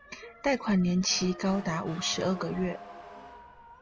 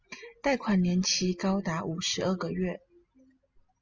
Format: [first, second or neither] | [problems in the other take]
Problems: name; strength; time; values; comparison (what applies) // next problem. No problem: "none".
second | background sound (Motor vehicle (road) / Siren); 16 dB below the speech